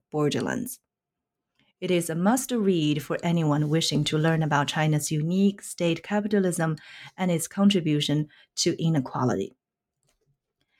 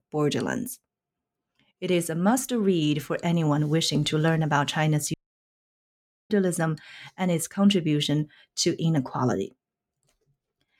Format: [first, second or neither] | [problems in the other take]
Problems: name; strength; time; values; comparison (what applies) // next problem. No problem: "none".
first | audio cutting out; at 5 s for 1 s